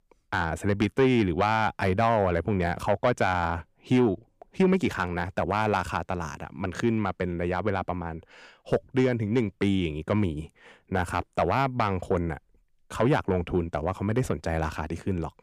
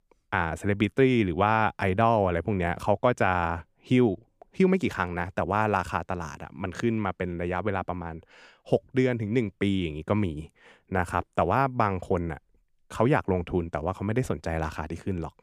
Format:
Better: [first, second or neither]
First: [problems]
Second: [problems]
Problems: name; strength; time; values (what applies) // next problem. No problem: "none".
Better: second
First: distortion; slight; 10 dB below the speech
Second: none